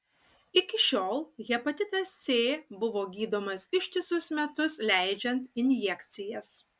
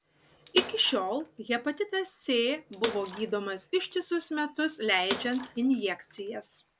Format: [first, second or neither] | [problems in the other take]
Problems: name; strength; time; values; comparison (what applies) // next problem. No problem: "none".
first | background sound (Bathtub (filling or washing) / Water / Splash, splatter); 13 dB below the speech